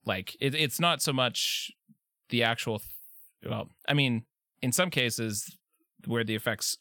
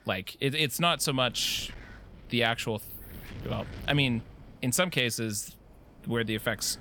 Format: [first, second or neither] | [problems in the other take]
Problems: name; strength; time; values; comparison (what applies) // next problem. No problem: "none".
first | wind noise on the microphone; occasional gusts; 25 dB below the speech